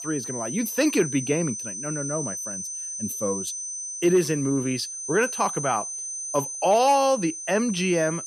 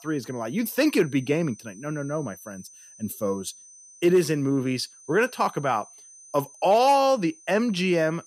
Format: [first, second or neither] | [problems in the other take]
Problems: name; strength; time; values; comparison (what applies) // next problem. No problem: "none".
second | high-pitched whine; loud; throughout; 6 kHz, 6 dB below the speech; faint in the second